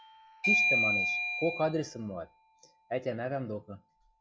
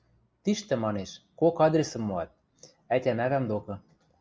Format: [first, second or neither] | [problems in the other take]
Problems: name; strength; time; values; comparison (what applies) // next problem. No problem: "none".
second | noise reduction (classical method log-MMSE)